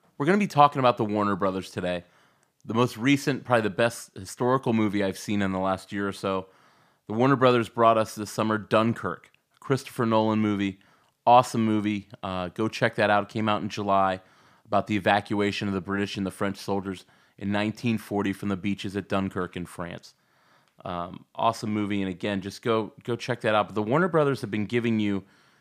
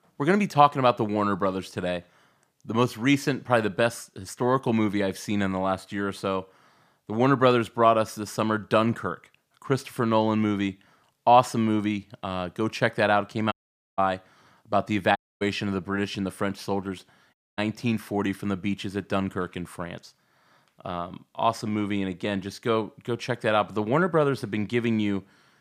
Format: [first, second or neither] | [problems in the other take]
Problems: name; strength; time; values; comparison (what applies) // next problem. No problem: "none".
first | audio cutting out; at 14 s, at 15 s and at 17 s